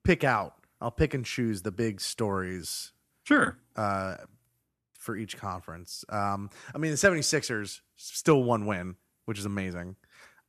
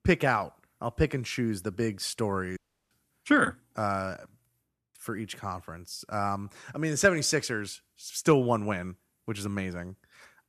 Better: first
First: none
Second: audio cutting out; at 2.5 s

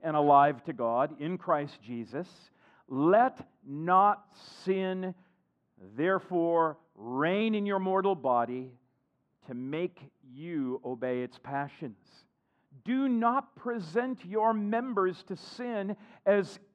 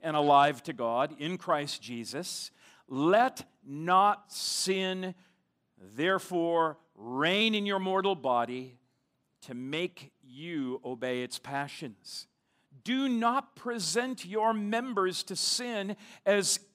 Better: second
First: muffled; very; fading above 4 kHz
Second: none

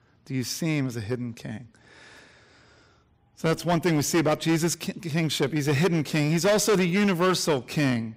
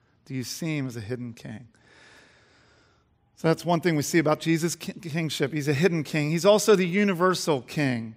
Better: second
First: distortion; heavy; 8% of the sound clipped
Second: none

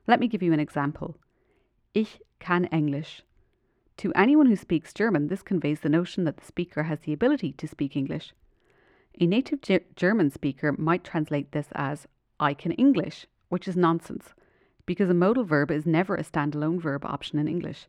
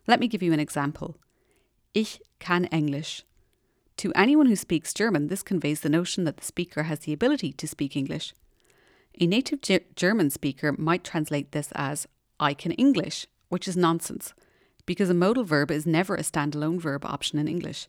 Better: second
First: muffled; slightly; fading above 4 kHz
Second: none

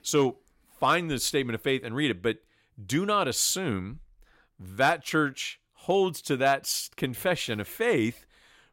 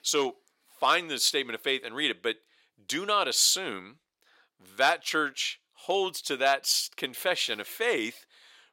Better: first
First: none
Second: thin; somewhat; fading below 400 Hz

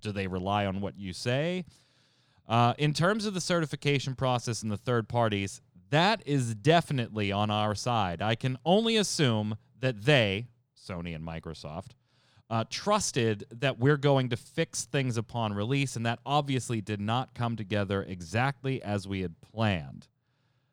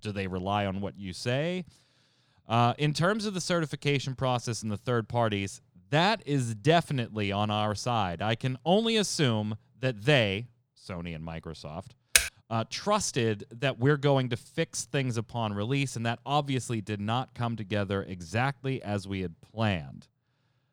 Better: first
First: none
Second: keyboard typing; loud; at 12 s; peak 5 dB above the speech

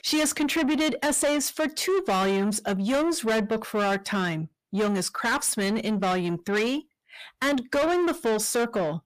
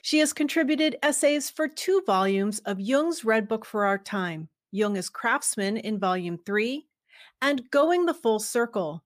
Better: second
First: distortion; heavy; 8 dB below the speech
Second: none

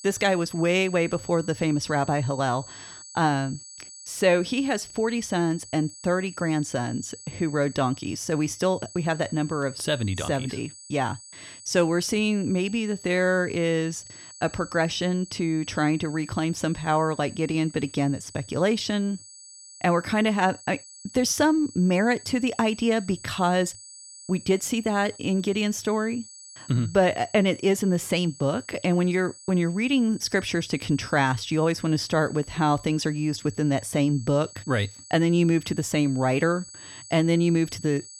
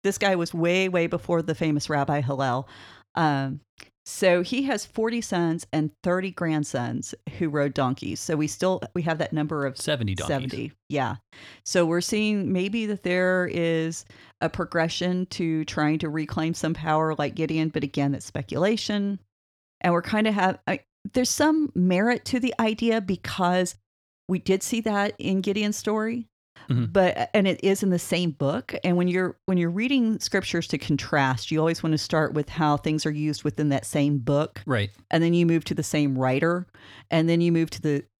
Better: second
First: high-pitched whine; noticeable; throughout; 8 kHz, 15 dB below the speech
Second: none

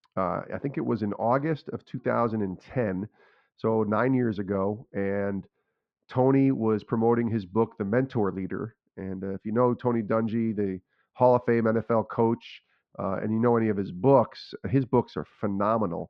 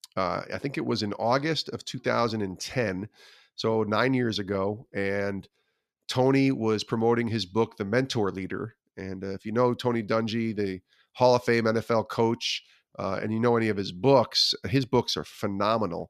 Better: second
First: muffled; very; fading above 1 kHz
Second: none

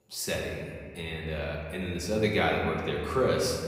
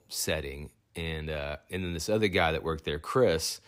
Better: second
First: room echo; noticeable; dies away in 2 s // off-mic speech; far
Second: none

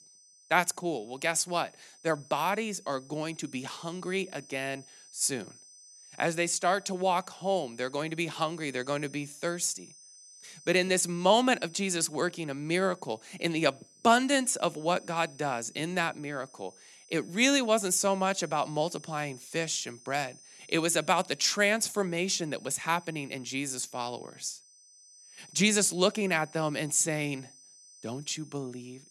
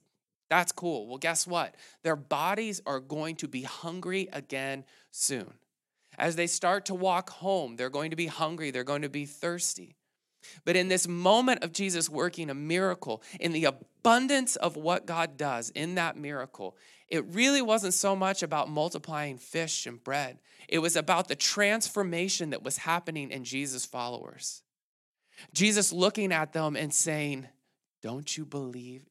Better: second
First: high-pitched whine; faint; throughout; 6 kHz, 25 dB below the speech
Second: none

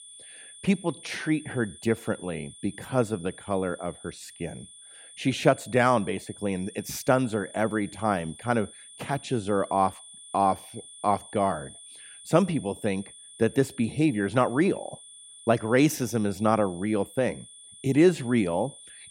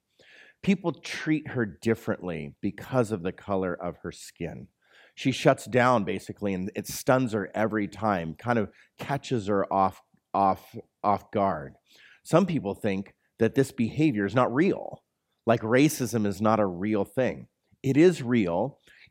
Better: second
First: high-pitched whine; noticeable; throughout; 9 kHz, 20 dB below the speech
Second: none

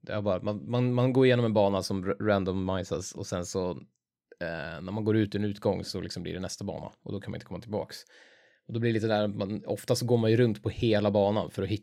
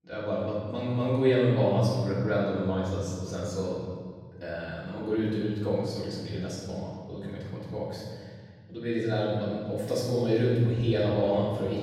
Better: first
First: none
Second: off-mic speech; far // room echo; strong; dies away in 2.1 s

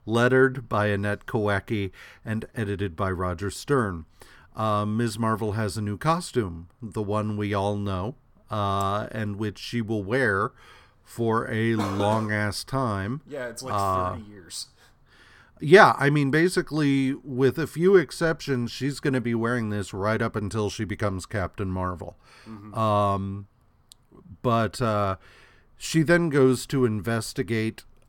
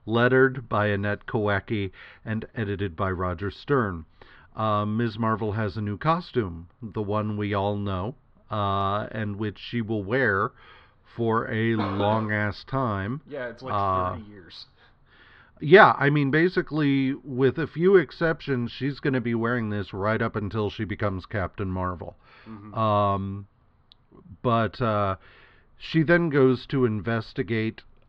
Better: first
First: none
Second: muffled; slightly; fading above 4 kHz

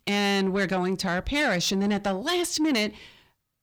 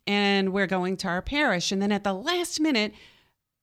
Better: second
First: distortion; slight; 10 dB below the speech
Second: none

